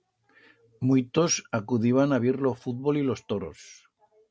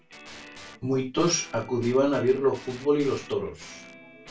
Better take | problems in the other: first | background sound (Guitar); 19 dB below the speech // room echo; dies away in 0.2 s

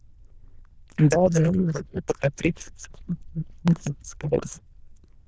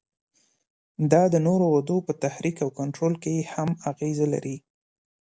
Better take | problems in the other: second | noise reduction (neural diffusion model UNIVERSE++)

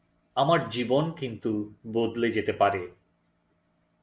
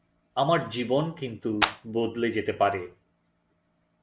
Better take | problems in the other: first | background sound (Clapping); 1 dB above the speech

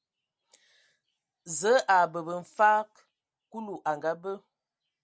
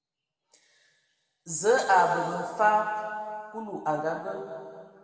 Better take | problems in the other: first | room echo; dies away in 2.3 s

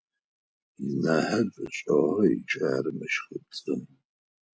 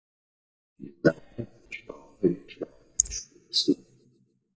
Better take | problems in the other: first | noise reduction (neural mask model DeepFilterNet 3)

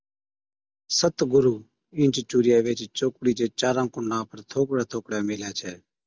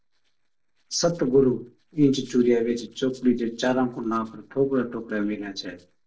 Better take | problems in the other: first | noise reduction (neural separator model SepFormer DNS4)

